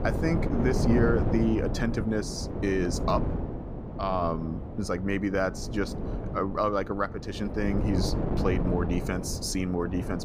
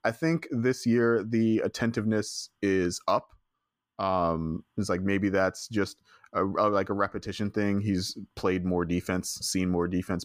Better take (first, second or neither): second